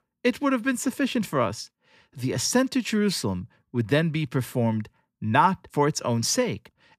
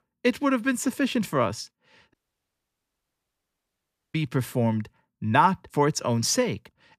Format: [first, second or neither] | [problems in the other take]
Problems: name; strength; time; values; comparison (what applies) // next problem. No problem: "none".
first | audio cutting out; at 2 s for 2 s